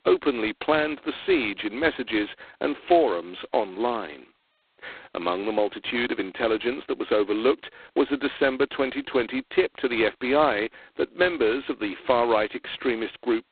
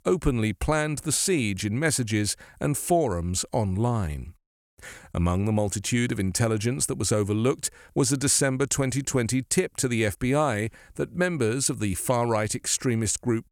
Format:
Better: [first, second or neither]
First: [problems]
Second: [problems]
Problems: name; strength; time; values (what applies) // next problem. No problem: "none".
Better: second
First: phone-call audio; poor line; nothing above 4 kHz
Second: none